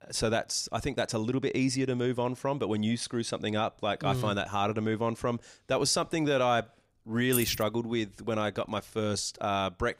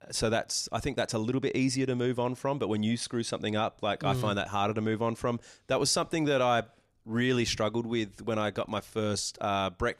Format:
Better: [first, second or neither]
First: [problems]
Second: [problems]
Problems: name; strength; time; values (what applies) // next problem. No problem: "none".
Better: second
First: jangling keys; noticeable; at 7.5 s; peak 2 dB below the speech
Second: none